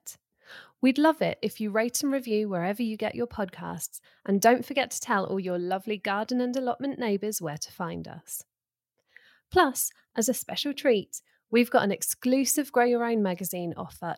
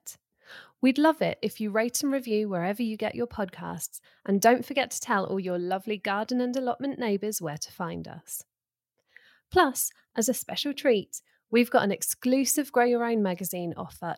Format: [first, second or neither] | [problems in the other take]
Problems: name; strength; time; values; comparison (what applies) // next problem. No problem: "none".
neither | none